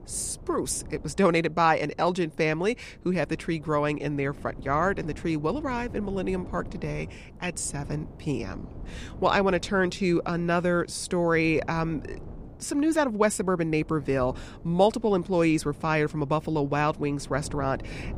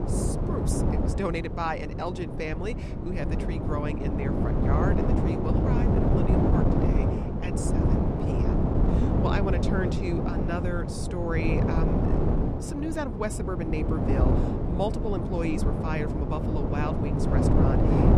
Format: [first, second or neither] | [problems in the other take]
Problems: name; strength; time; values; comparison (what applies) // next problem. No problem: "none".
first | wind noise on the microphone; heavy; 2 dB above the speech; occasional gusts in the first